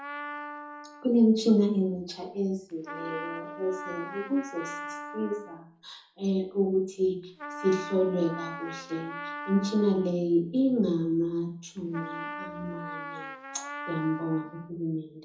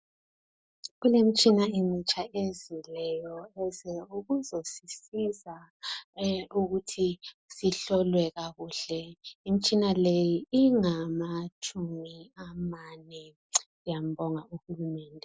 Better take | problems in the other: second | background sound (Trumpet); 12 dB below the speech // room echo; dies away in 0.5 s

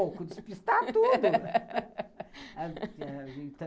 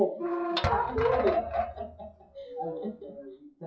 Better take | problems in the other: first | noise reduction (classical method WPE with log-MMSE)

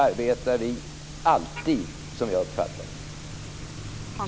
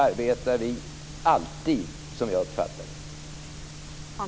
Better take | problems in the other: second | background sound (Motor vehicle (road)); 16 dB below the speech

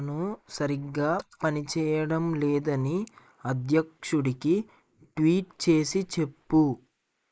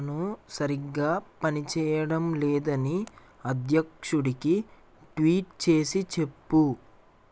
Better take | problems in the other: second | noise reduction (neural mask model Resemble Enhance denoiser)

